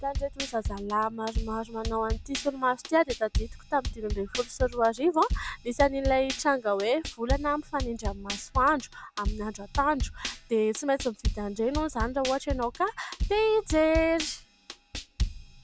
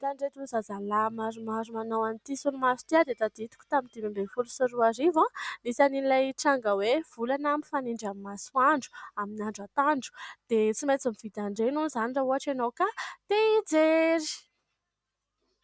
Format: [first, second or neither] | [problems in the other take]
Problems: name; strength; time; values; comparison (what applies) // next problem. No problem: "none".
second | background sound (Drum kit); 6 dB below the speech